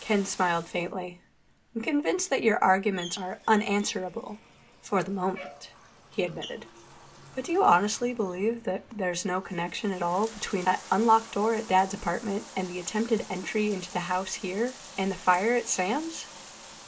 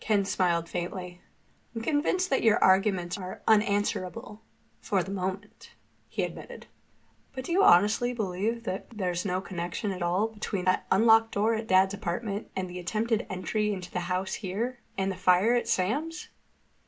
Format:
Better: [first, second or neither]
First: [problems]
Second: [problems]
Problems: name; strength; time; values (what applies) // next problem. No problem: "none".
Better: second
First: background sound (Bathtub (filling or washing)); 19 dB below the speech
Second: none